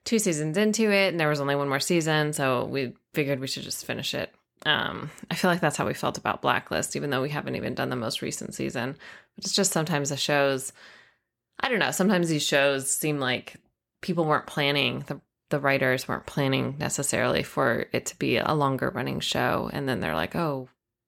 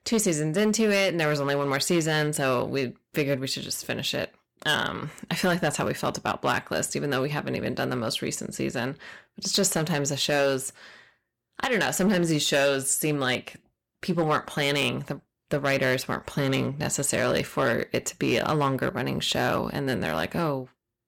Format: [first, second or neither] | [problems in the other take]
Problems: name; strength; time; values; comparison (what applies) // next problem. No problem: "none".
first | distortion; slight; 4% of the sound clipped